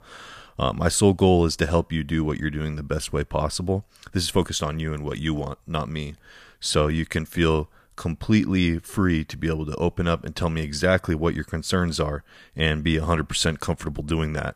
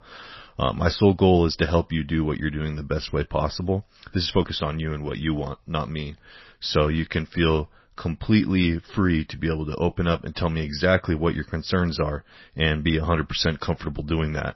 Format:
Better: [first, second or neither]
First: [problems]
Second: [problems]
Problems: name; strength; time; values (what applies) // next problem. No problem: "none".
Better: first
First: none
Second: garbled, watery; slightly; nothing above 5.5 kHz